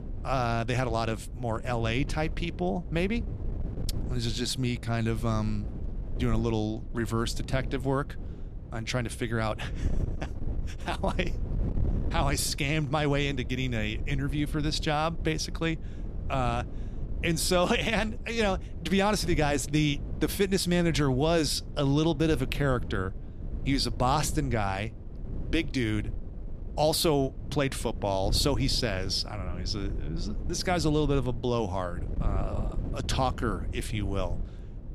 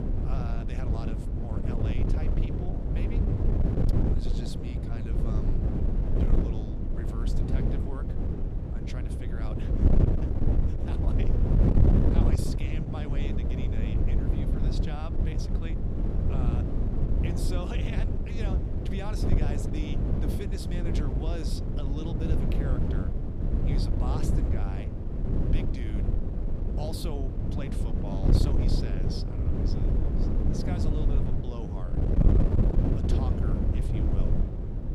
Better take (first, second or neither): first